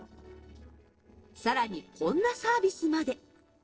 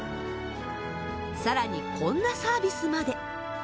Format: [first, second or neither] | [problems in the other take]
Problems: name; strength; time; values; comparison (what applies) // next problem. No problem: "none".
second | noise reduction (neural separator model SepFormer DNS4)